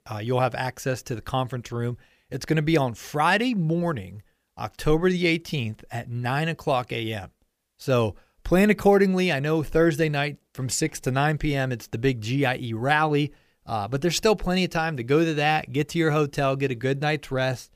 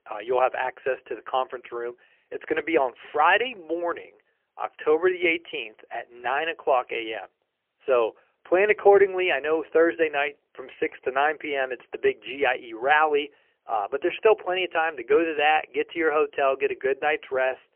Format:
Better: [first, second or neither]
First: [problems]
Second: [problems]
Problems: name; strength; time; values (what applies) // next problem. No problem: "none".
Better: first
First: none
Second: phone-call audio; poor line; nothing above 3 kHz